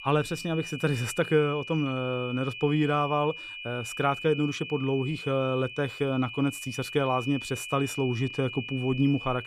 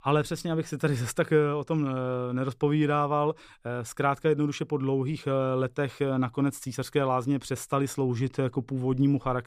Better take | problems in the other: second | high-pitched whine; loud; throughout; 2.5 kHz, 9 dB below the speech

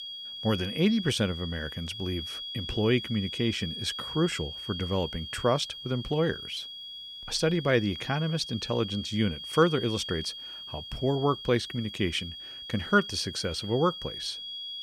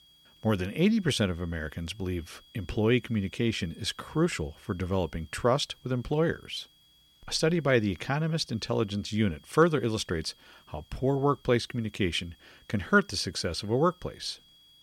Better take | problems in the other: second | high-pitched whine; loud; throughout; 3.5 kHz, 8 dB below the speech; faint in the second

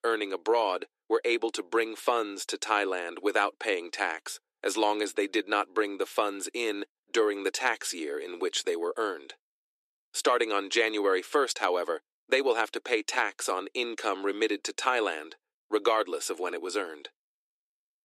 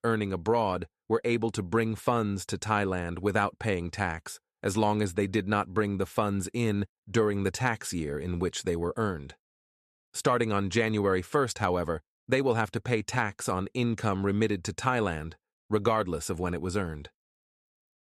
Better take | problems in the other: second | thin; very; fading below 300 Hz

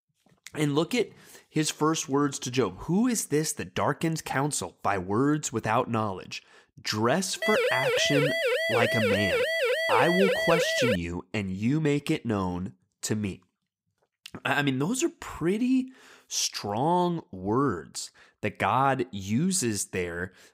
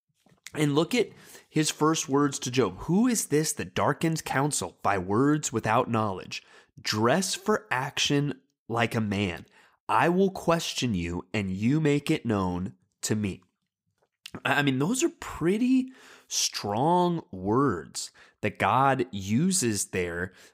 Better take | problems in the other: second | siren; loud; from 7.5 to 11 s; peak 3 dB above the speech

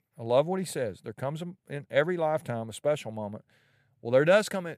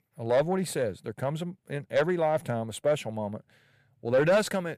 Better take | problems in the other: first | distortion; slight; 10 dB below the speech

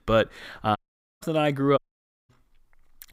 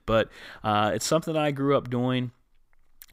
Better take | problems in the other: second | audio cutting out; at 1 s and at 2 s for 0.5 s

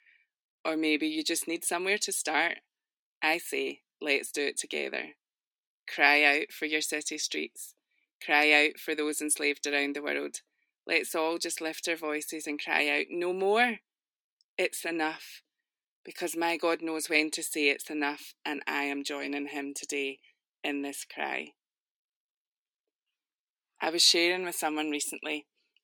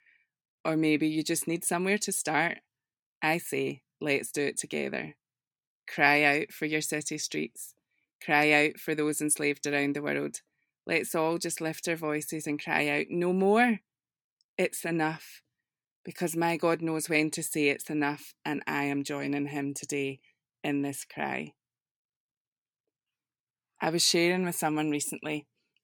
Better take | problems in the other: second | thin; very slightly; fading below 300 Hz

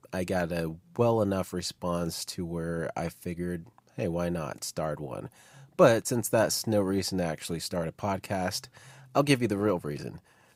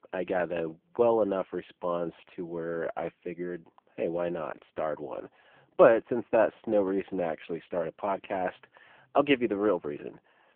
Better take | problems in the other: first | phone-call audio; poor line

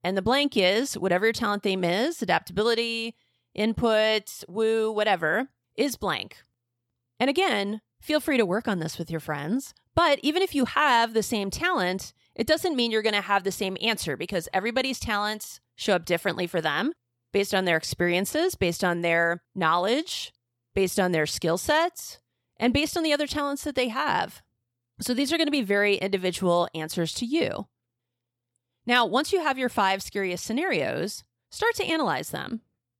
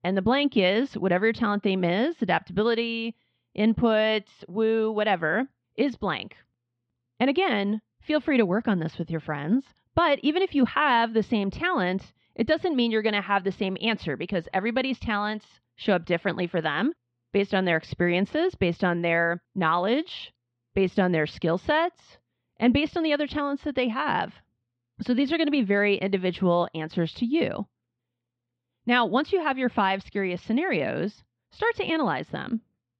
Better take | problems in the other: first | muffled; slightly; fading above 3.5 kHz

